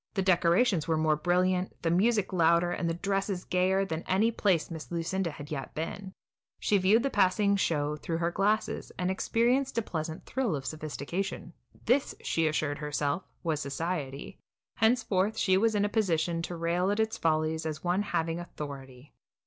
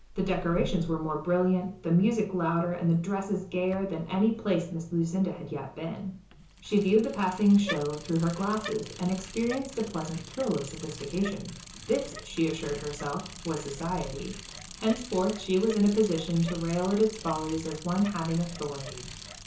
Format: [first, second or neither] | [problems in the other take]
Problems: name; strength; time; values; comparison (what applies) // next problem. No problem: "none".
first | background sound (Bicycle); 14 dB below the speech // room echo; dies away in 0.6 s